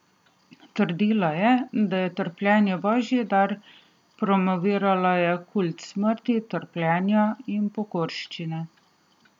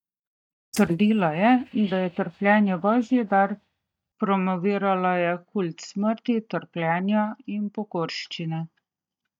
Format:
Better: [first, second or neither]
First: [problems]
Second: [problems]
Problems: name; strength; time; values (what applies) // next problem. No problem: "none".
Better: first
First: none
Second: noise reduction (neural mask model DeepFilterNet 3)